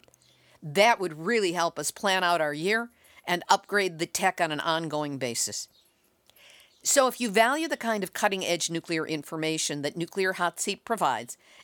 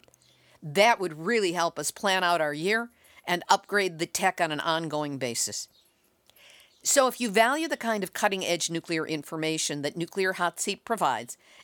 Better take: neither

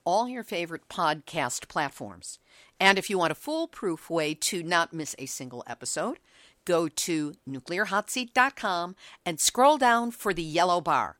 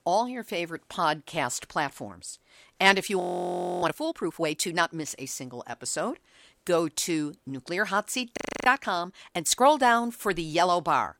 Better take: first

